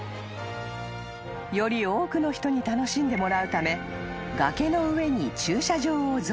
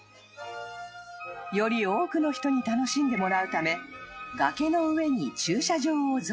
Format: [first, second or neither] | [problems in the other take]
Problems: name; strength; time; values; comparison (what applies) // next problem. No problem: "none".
first | noise reduction (classical method log-MMSE)